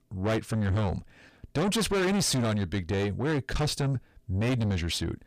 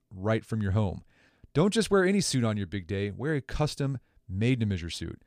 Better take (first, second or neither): second